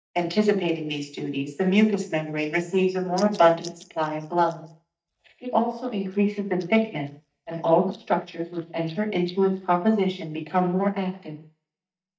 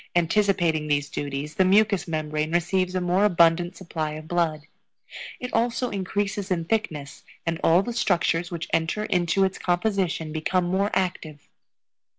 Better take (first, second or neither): second